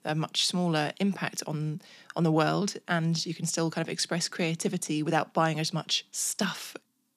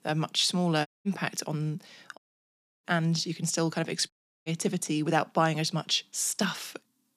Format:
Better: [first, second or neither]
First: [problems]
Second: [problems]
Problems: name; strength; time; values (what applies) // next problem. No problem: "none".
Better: first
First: none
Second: audio cutting out; at 1 s, at 2 s for 0.5 s and at 4 s